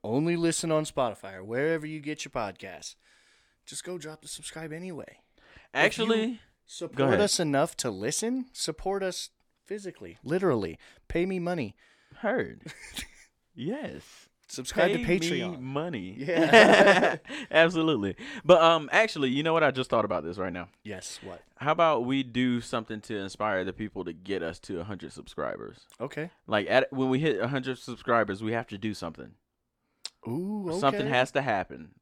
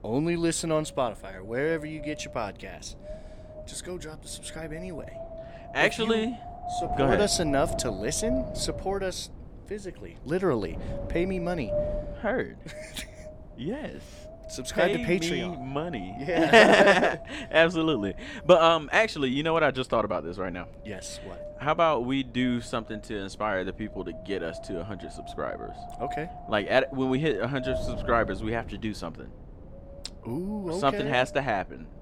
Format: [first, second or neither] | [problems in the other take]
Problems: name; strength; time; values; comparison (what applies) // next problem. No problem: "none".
first | wind noise on the microphone; occasional gusts; 15 dB below the speech